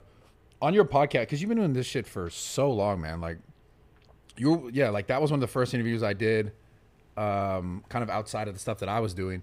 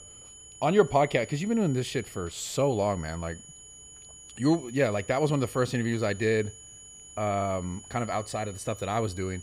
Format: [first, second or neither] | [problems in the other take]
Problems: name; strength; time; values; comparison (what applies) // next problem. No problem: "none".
first | high-pitched whine; noticeable; throughout; 7 kHz, 15 dB below the speech